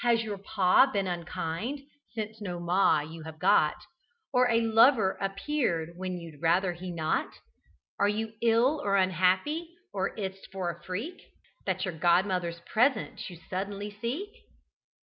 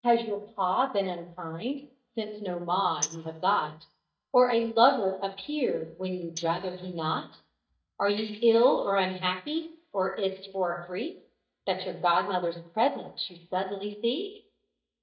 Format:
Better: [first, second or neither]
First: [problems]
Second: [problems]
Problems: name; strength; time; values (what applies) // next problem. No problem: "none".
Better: first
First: none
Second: noise reduction (neural mask model DeepFilterNet 3)